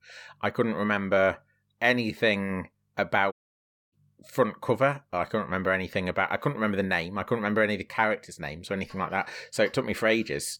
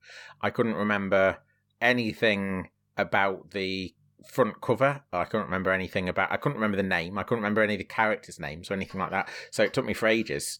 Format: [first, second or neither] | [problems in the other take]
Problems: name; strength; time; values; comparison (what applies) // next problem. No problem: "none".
second | audio cutting out; at 3.5 s for 0.5 s